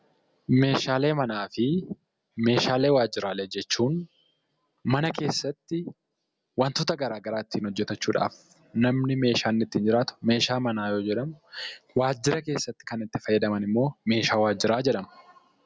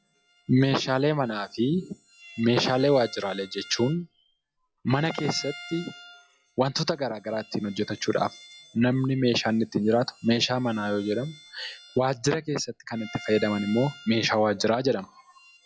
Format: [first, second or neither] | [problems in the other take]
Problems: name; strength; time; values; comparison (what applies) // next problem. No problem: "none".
first | noise reduction (classical method log-MMSE)